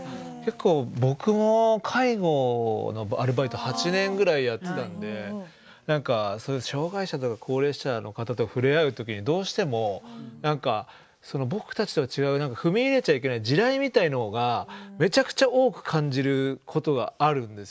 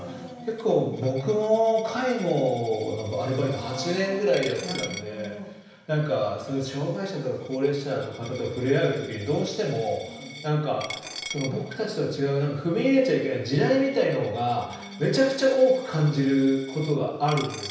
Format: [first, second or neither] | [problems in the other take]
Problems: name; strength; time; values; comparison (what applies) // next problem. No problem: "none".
first | background sound (Coin (dropping)); 18 dB below the speech // room echo; dies away in 0.9 s